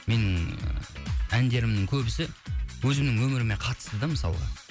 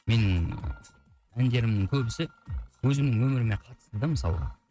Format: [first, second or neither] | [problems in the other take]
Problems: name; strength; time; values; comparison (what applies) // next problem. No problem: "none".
first | noise reduction (neural mask model RNNoise)